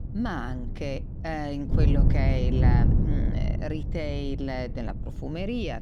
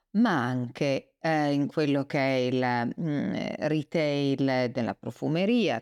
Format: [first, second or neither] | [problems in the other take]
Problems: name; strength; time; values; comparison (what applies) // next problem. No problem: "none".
second | wind noise on the microphone; heavy; 4 dB below the speech